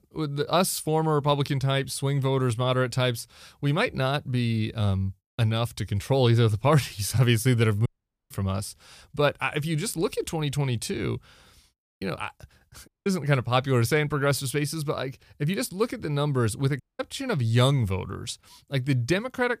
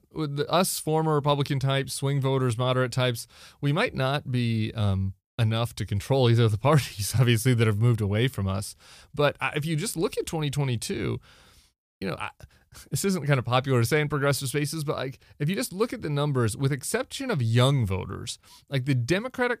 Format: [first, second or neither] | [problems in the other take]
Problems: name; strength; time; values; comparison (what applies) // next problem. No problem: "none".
second | audio cutting out; at 8 s, at 13 s and at 17 s